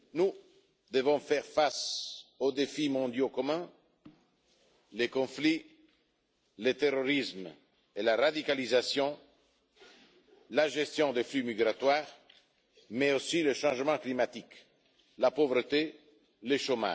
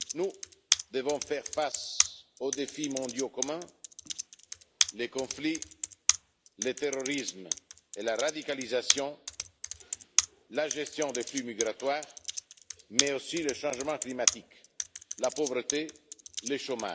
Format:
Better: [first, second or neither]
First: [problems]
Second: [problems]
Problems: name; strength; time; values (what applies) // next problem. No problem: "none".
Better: first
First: none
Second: background sound (Computer keyboard); as loud as the speech